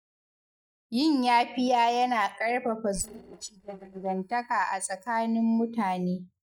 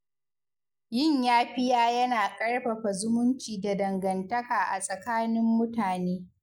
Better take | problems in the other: second | noise reduction (neural mask model DeepFilterNet 3)

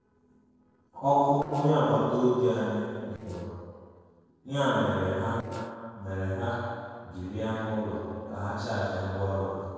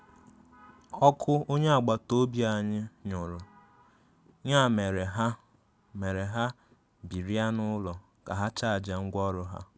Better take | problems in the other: second | noise reduction (neural separator model SepFormer DNS4)

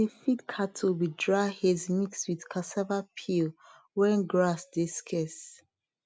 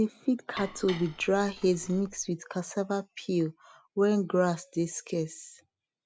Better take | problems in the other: first | background sound (Dishes, pots, and pans); 15 dB below the speech

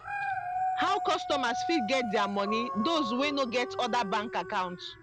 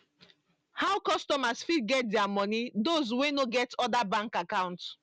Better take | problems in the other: second | background sound (Dog); 4 dB below the speech

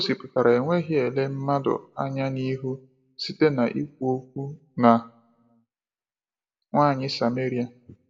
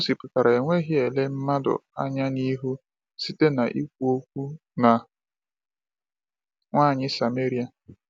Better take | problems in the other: second | room echo; dies away in 0.3 s

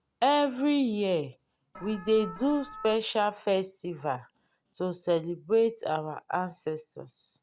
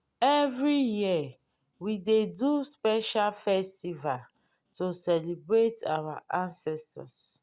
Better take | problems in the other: second | background sound (Alarm); 14 dB below the speech

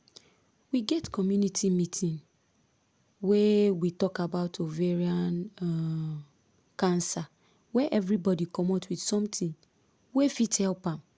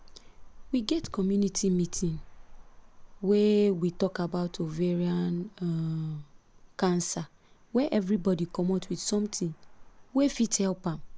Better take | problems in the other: first | background sound (Traffic noise, roadway noise); 17 dB below the speech

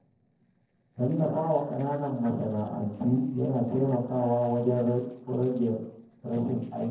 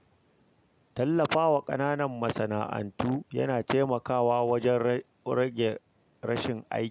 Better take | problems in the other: second | noise reduction (neural separator model SepFormer DNS4)

